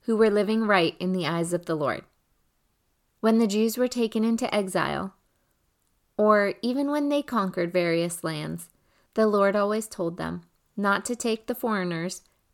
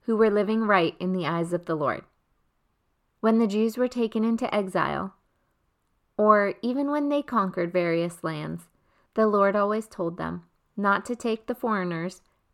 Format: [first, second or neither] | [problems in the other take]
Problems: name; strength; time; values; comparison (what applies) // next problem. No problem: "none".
first | muffled; slightly; fading above 3.5 kHz